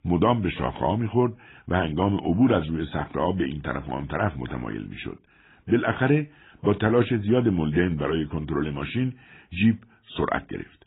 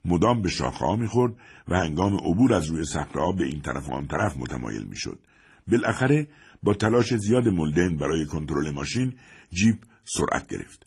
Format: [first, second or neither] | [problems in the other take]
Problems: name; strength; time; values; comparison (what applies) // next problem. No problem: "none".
second | garbled, watery; badly; nothing above 3.5 kHz; slightly in the second